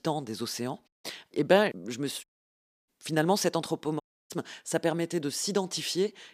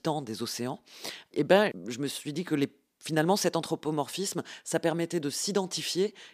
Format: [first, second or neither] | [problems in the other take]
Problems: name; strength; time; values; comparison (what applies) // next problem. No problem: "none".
second | audio cutting out; at 1 s, at 2 s for 0.5 s and at 4 s